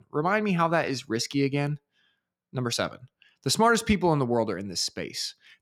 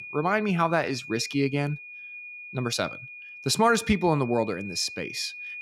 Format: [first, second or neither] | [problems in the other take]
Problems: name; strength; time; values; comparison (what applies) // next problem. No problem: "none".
first | high-pitched whine; noticeable; throughout; 2.5 kHz, 15 dB below the speech